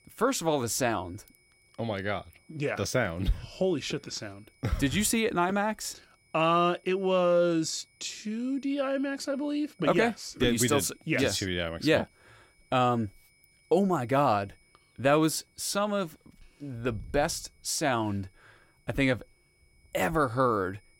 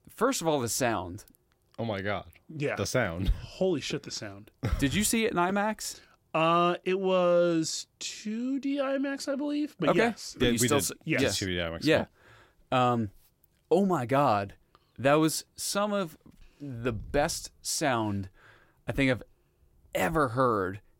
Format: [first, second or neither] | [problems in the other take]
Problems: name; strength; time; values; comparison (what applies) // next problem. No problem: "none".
second | high-pitched whine; faint; throughout; 2 kHz, 35 dB below the speech